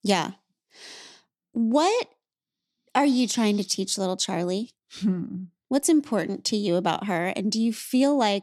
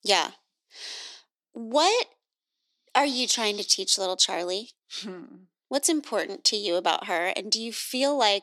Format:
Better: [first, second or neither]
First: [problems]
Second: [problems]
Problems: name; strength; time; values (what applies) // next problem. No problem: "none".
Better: first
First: none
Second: thin; somewhat; fading below 400 Hz